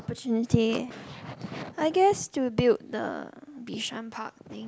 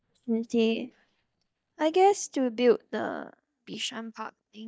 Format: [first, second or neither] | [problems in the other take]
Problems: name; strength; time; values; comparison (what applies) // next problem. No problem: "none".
first | noise reduction (neural mask model DeepFilterNet 3)